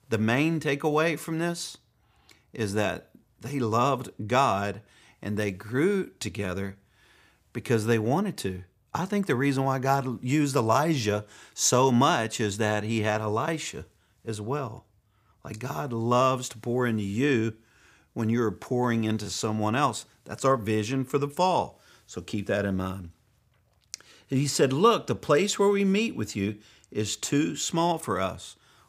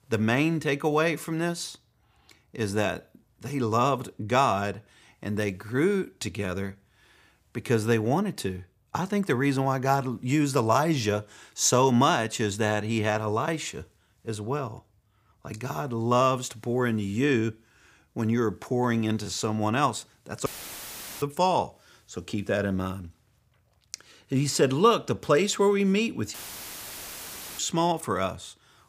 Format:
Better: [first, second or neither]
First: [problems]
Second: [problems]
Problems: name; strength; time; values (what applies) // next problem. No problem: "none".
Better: first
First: none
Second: audio cutting out; filled with static; at 20 s for 1 s and at 26 s for 1.5 s